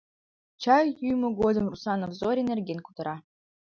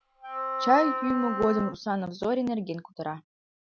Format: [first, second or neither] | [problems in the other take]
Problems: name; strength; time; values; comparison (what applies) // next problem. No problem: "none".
first | background sound (Wind instrument, woodwind instrument); 4 dB below the speech